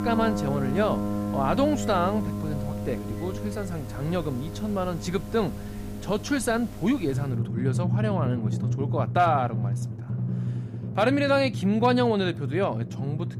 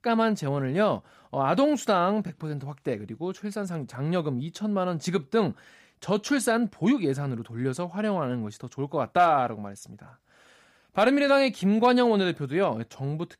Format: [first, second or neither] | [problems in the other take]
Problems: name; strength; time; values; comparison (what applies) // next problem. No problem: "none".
second | background music; loud; throughout; 4 dB below the speech